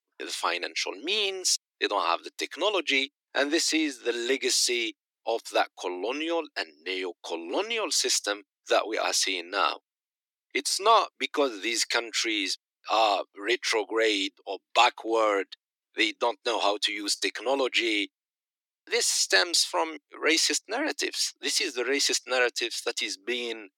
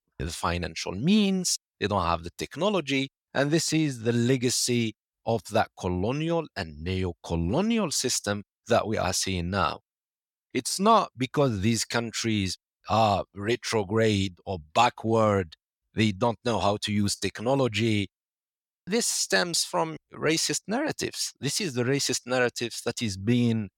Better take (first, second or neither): second